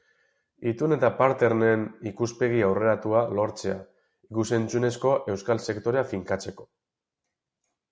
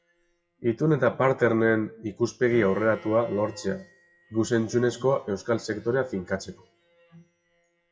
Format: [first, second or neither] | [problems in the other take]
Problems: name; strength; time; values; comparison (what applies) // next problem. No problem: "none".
first | noise reduction (classical method WPE with log-MMSE)